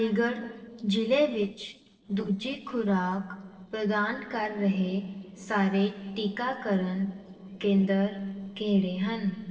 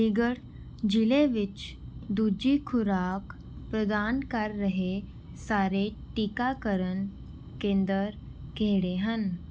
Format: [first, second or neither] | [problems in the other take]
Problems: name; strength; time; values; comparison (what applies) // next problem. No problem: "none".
second | noise reduction (neural separator model SepFormer DNS4)